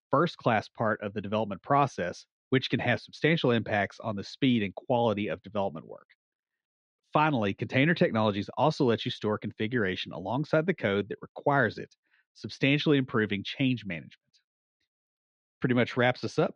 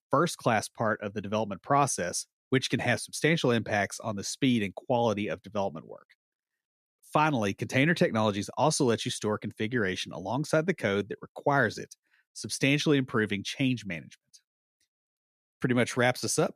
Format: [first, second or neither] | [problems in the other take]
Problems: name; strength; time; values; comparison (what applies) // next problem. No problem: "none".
second | muffled; slightly; fading above 3.5 kHz